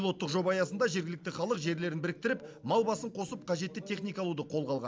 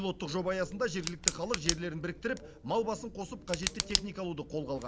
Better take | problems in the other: first | background sound (Tick); 3 dB below the speech

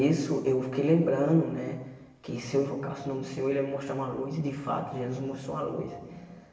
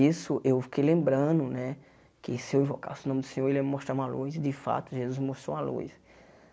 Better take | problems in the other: second | background sound (Organ); 16 dB below the speech // room echo; dies away in 1 s

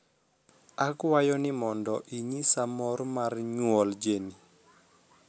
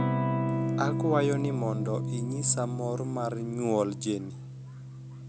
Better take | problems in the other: first | background sound (Electric guitar / Strum); as loud as the speech

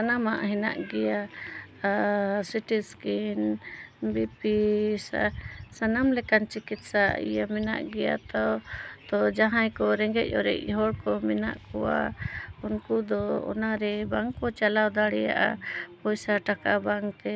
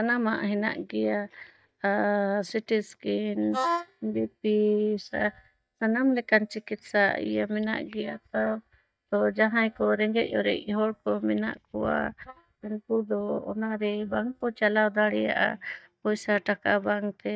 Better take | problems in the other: first | noise reduction (neural mask model DeepFilterNet 3)

